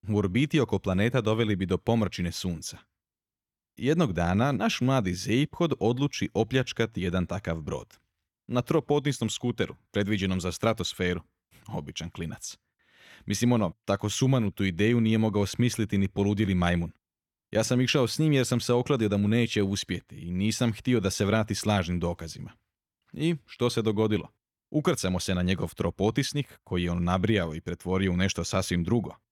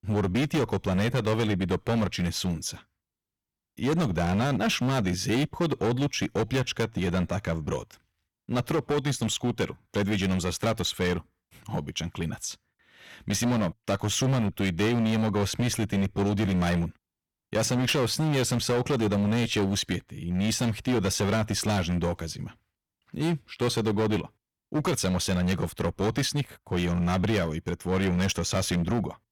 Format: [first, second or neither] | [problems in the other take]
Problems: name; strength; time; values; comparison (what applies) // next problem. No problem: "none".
first | distortion; heavy; 15% of the sound clipped